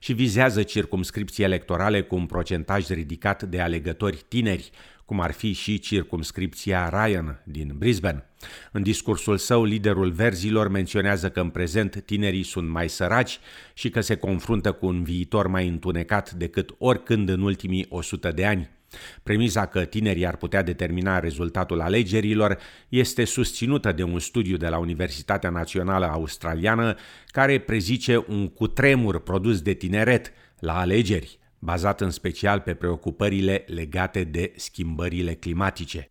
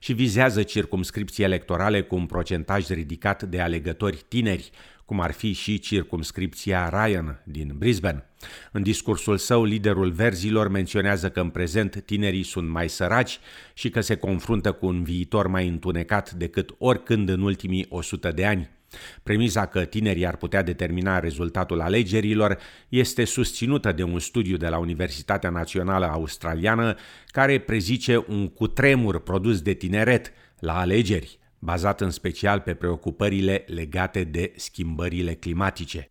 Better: neither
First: none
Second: none

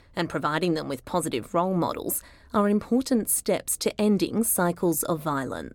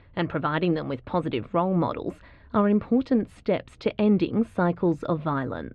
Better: first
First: none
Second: muffled; very; fading above 3 kHz

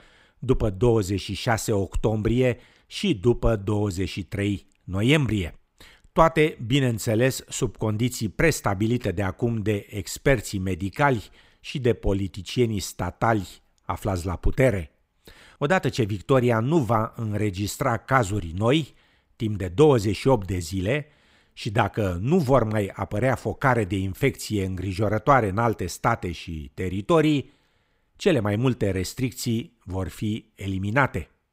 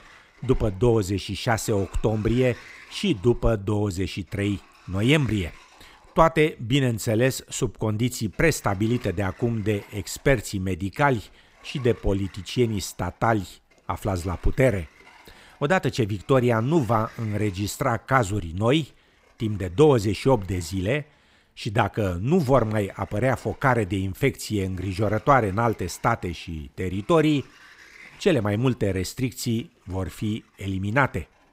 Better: first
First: none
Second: household noises; faint; throughout; 25 dB below the speech

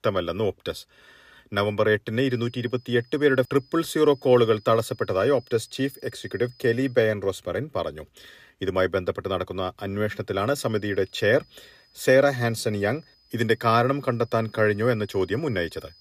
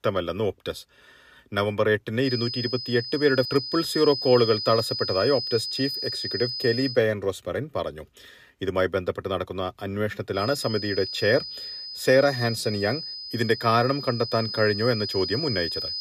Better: first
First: high-pitched whine; faint; from 2.5 to 7 s and from 10 s on; 5 kHz, 30 dB below the speech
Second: high-pitched whine; loud; from 2.5 to 7 s and from 10 s on; 5 kHz, 5 dB below the speech

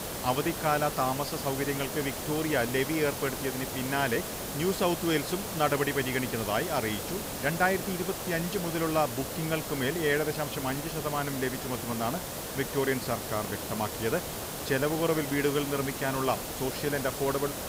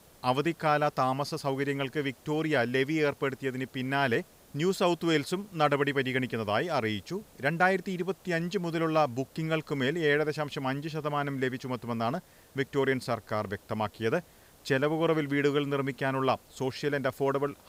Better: second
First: hiss; loud; throughout; 4 dB below the speech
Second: hiss; faint; throughout; 25 dB below the speech

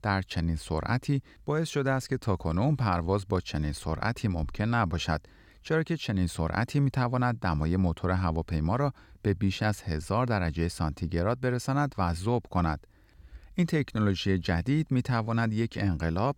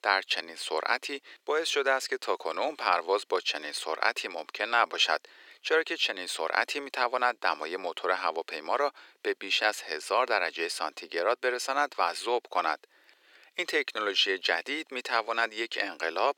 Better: first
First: none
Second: thin; very; fading below 400 Hz

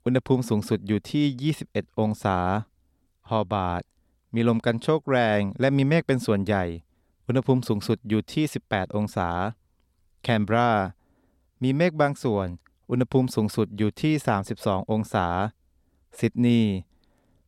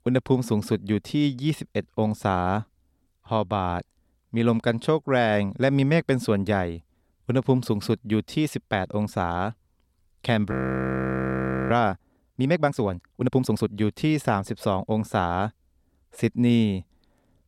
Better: first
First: none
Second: audio freezing; at 11 s for 1 s

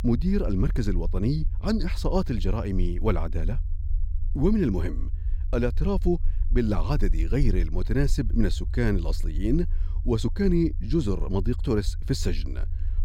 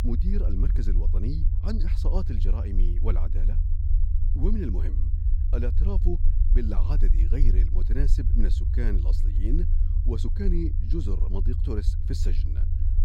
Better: first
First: low rumble; faint; throughout; 20 dB below the speech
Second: low rumble; loud; throughout; 6 dB below the speech

